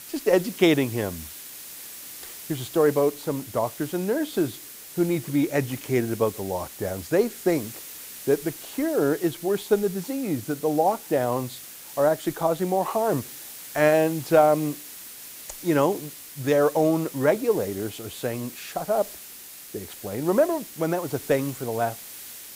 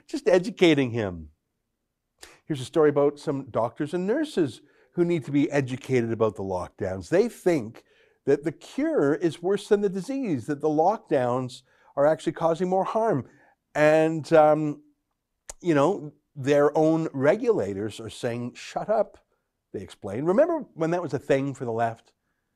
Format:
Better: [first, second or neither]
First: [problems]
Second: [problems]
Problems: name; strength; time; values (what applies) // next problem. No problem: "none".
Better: second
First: hiss; noticeable; throughout; 15 dB below the speech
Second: none